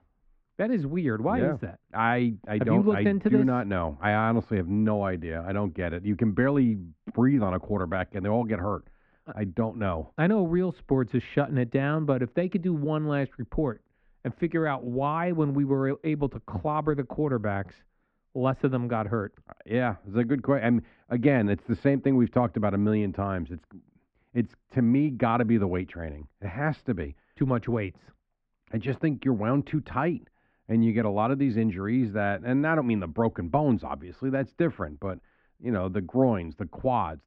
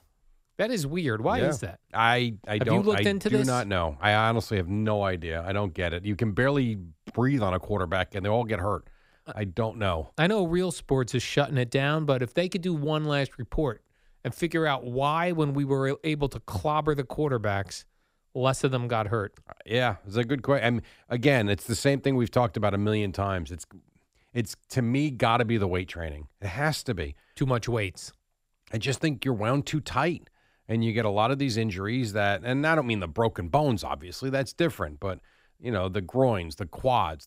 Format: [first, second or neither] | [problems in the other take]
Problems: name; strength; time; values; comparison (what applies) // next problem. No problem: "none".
second | muffled; very; fading above 2 kHz